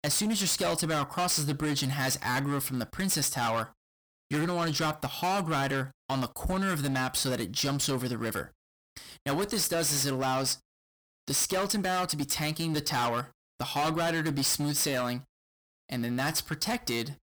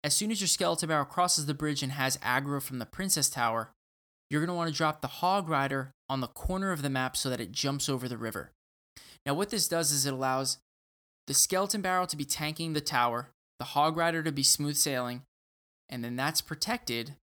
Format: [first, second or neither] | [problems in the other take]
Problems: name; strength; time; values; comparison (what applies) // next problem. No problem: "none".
second | distortion; heavy; 20% of the sound clipped